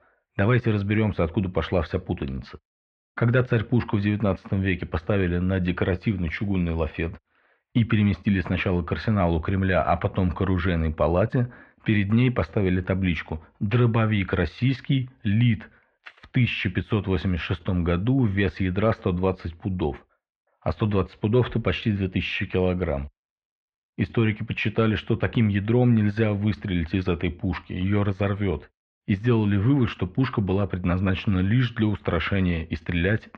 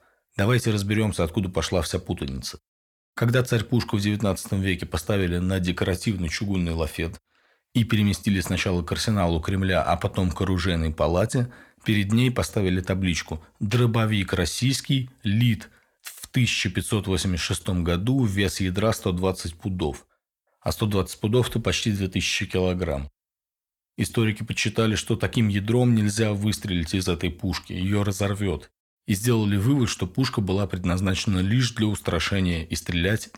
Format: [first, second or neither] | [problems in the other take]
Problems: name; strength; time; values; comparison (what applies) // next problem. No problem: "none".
second | muffled; very; fading above 3 kHz